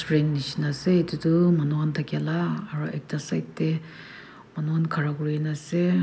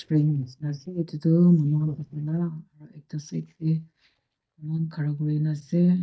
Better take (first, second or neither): first